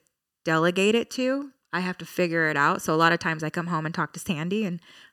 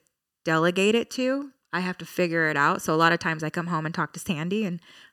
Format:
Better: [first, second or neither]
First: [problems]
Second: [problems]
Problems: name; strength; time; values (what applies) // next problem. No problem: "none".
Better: neither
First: none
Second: none